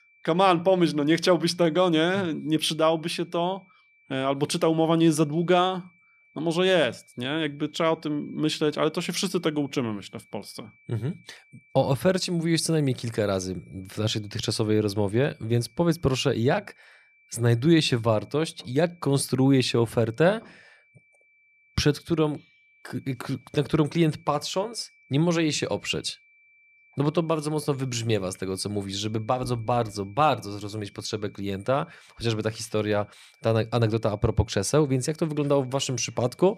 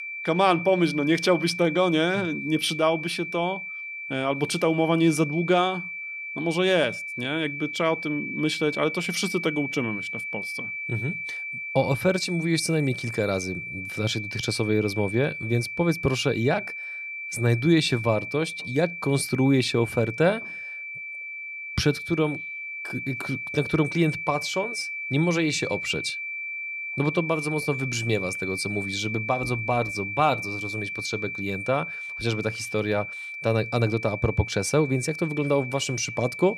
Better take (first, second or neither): first